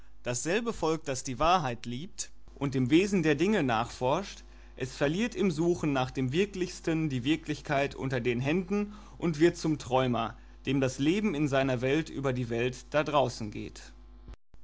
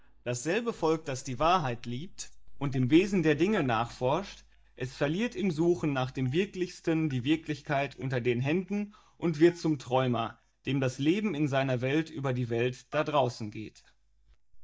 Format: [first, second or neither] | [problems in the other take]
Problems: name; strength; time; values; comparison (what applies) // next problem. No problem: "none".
first | noise reduction (neural mask model DeepFilterNet 3)